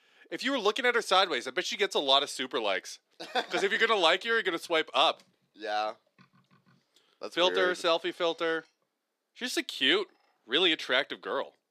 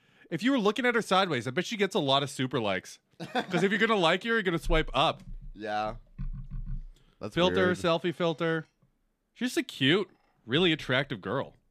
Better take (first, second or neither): second